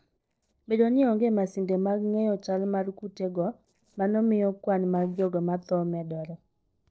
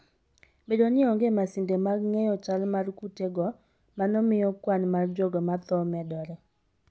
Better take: second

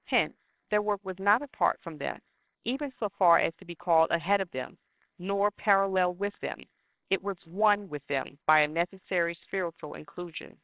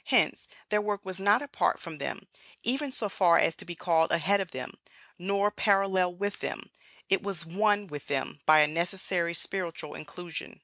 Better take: second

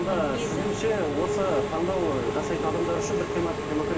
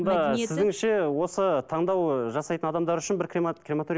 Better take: second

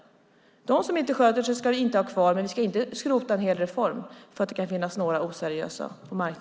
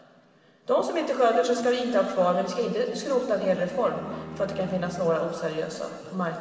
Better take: first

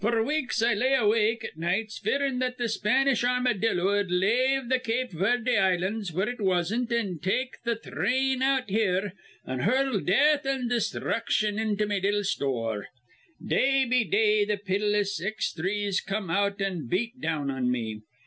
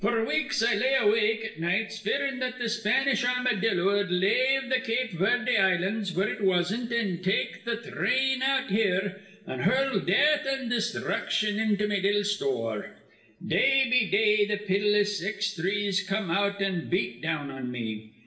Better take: first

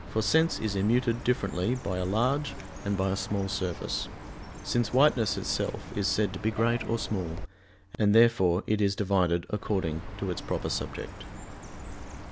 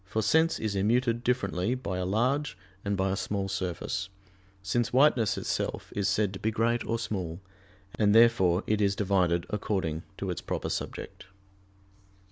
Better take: second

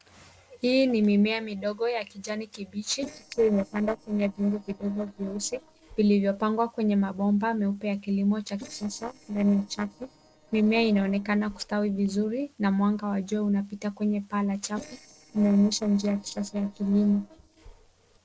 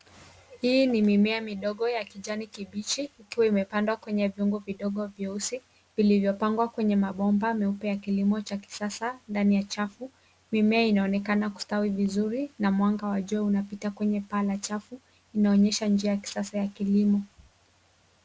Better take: second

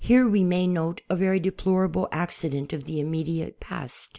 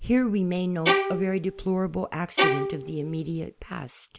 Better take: first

